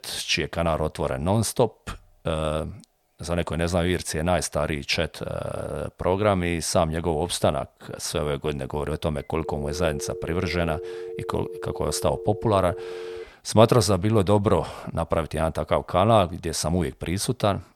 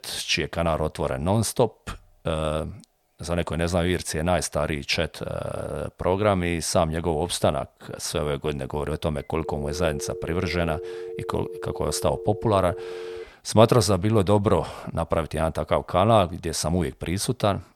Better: neither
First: phone ringing; faint; from 9 to 13 s; peak 10 dB below the speech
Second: phone ringing; faint; from 9 to 13 s; peak 10 dB below the speech

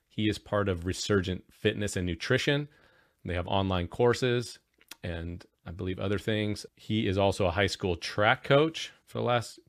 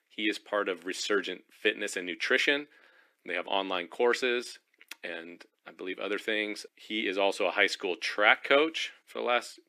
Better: first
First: none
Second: thin; somewhat; fading below 250 Hz

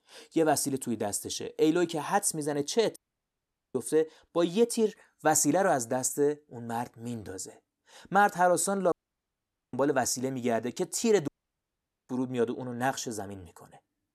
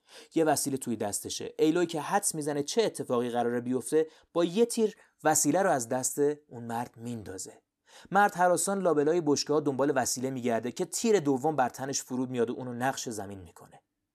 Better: second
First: audio cutting out; at 3 s for 1 s, at 9 s for 1 s and at 11 s for 1 s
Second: none

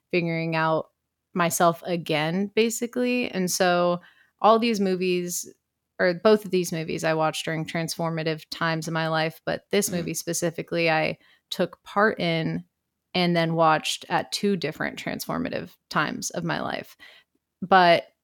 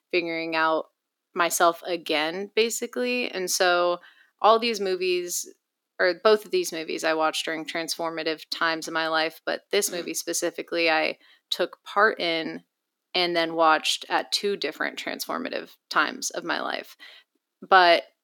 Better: first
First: none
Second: thin; somewhat; fading below 300 Hz

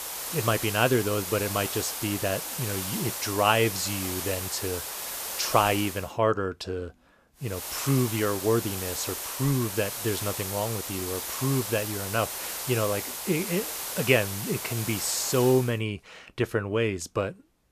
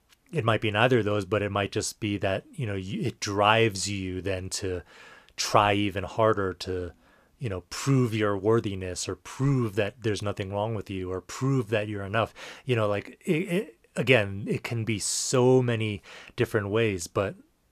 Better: second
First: hiss; loud; until 6 s and from 7.5 to 16 s; 4 dB below the speech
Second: none

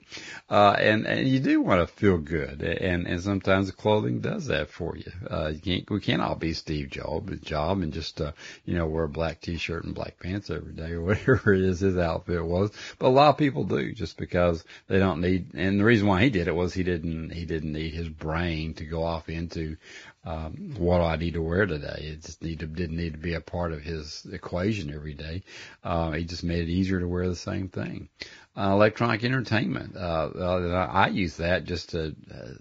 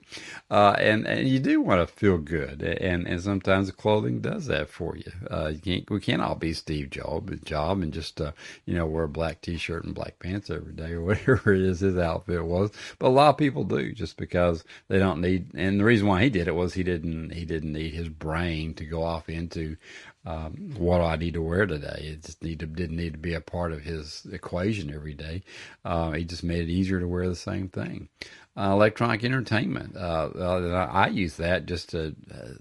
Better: second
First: garbled, watery; badly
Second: garbled, watery; slightly; nothing above 10.5 kHz

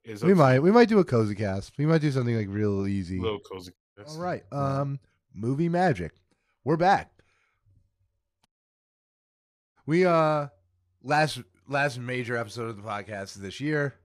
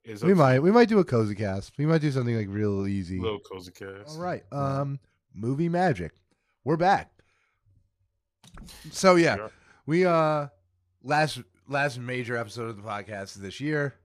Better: second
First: audio cutting out; at 4 s and at 8.5 s for 1.5 s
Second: none

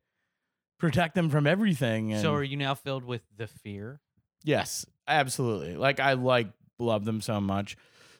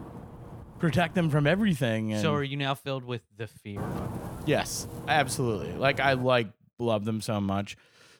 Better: first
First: none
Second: wind noise on the microphone; occasional gusts; until 1.5 s and from 4 to 6 s; 15 dB below the speech

